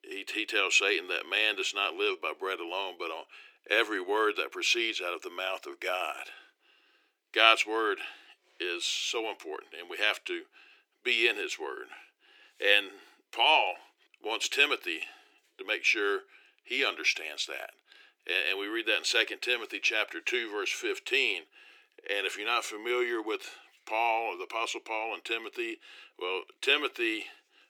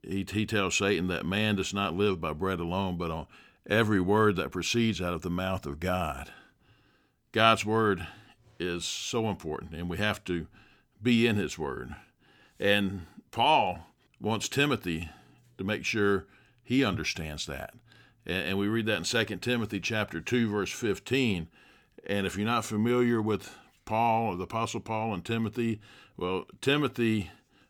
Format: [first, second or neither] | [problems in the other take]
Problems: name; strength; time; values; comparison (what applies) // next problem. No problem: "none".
second | thin; very; fading below 350 Hz